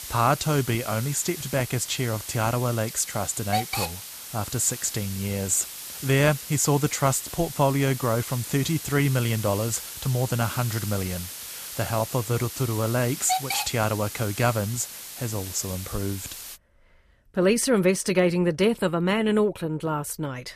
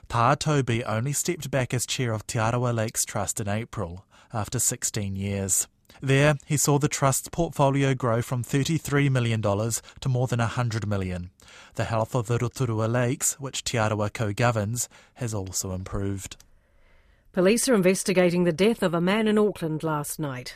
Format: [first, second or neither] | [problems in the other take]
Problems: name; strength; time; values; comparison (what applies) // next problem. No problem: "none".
second | hiss; loud; until 17 s; 8 dB below the speech